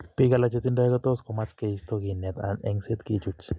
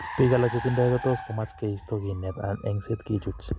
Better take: first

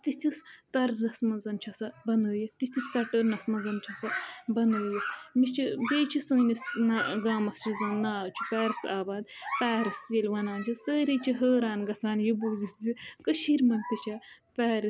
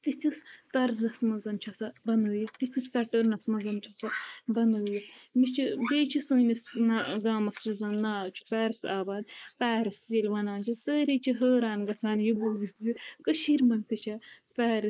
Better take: first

